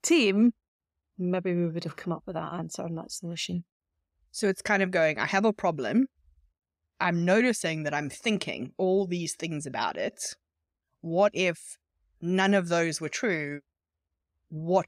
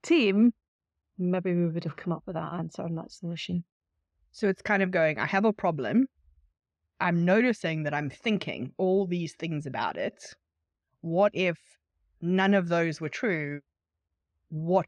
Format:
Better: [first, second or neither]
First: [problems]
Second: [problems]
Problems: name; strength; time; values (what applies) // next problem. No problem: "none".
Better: first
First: none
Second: muffled; slightly; fading above 3.5 kHz